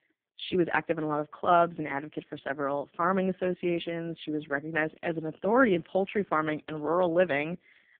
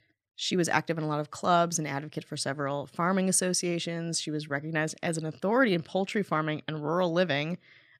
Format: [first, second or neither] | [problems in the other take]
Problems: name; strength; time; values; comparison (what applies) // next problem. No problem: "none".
second | phone-call audio; poor line; nothing above 3.5 kHz